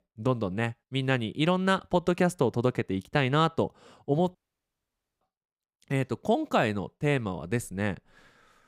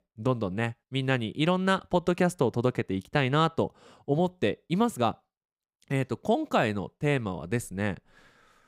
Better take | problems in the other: second | audio cutting out; at 4.5 s for 1 s

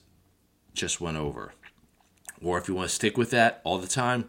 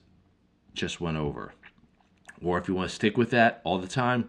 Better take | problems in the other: first | muffled; slightly; fading above 3.5 kHz

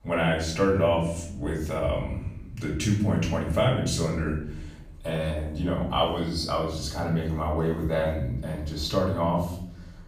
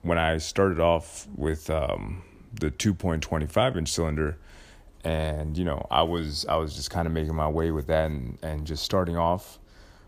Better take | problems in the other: second | off-mic speech; far // room echo; noticeable; dies away in 0.8 s

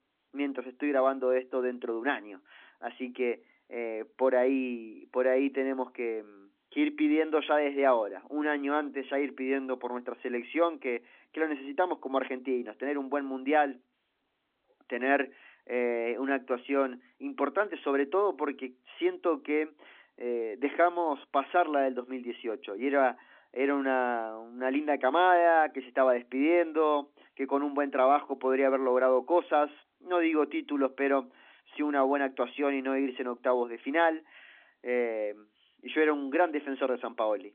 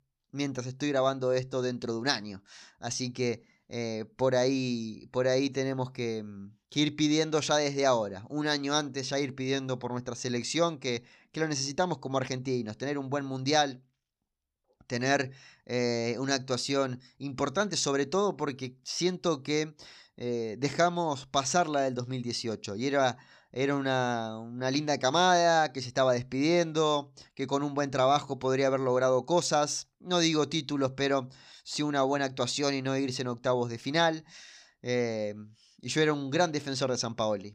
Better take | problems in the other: second | phone-call audio; nothing above 3.5 kHz

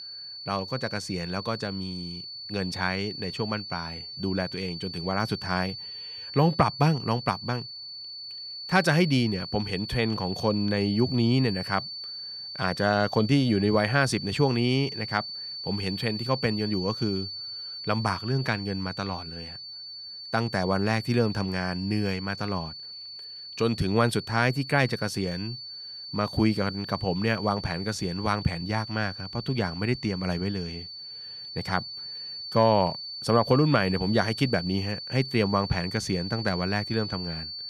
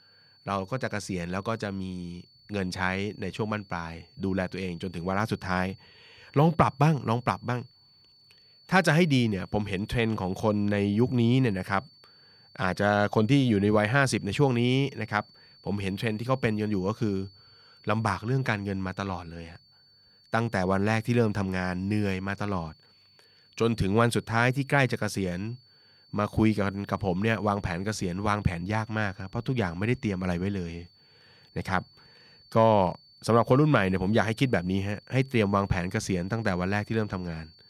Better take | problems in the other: second | high-pitched whine; loud; throughout; 4.5 kHz, 9 dB below the speech; faint in the second

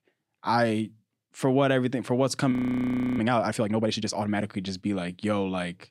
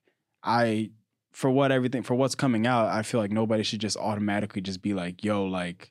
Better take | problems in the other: second | audio freezing; at 2.5 s for 0.5 s

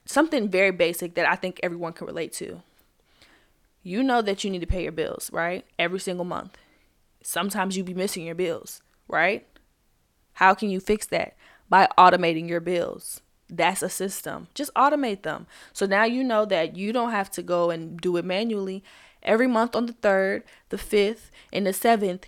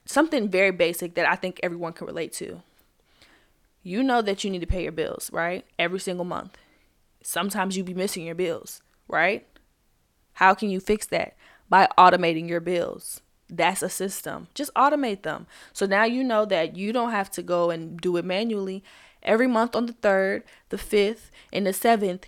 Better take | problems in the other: neither | none

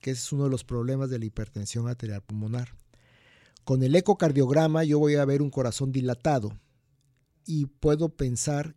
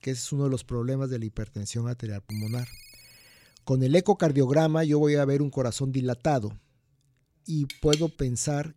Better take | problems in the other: first | phone ringing; faint; from 2.5 to 3.5 s; peak 20 dB below the speech // clattering dishes; very faint; at 7.5 s; peak 5 dB below the speech

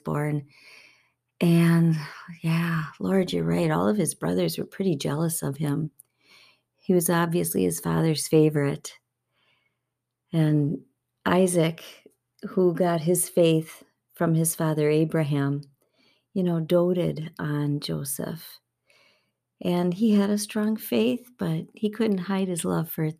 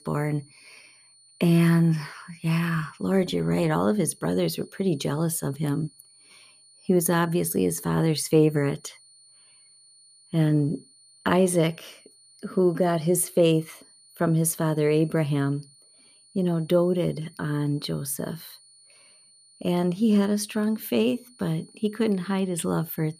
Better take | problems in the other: first | high-pitched whine; faint; throughout; 9 kHz, 30 dB below the speech

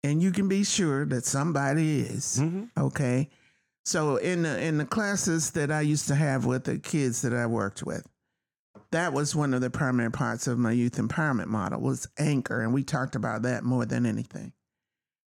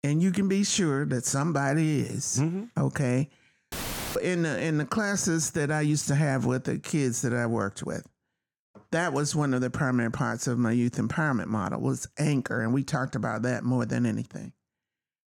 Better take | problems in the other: first | audio cutting out; filled with static; at 3.5 s

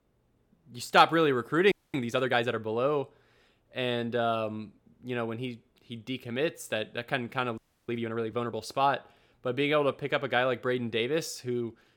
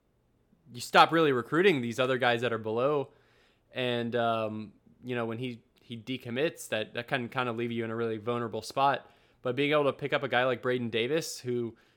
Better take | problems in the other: second | audio freezing; at 1.5 s and at 7.5 s

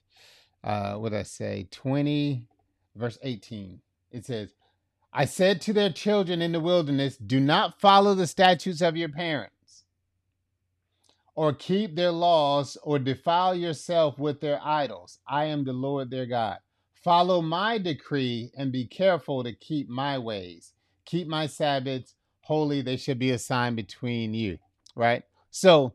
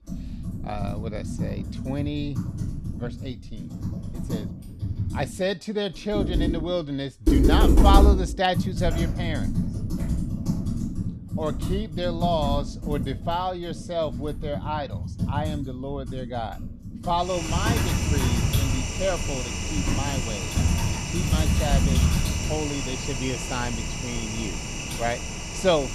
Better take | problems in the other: first | household noises; very loud; throughout; 3 dB above the speech

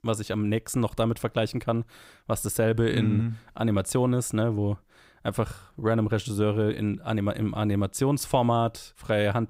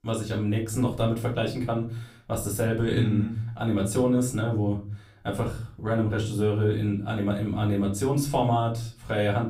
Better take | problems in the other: first | off-mic speech; far // room echo; slight; dies away in 0.4 s

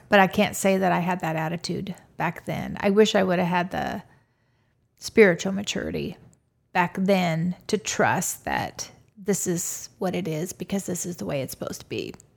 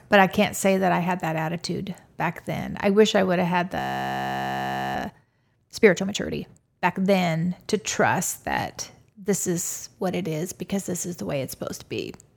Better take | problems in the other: first | audio freezing; at 4 s for 1 s

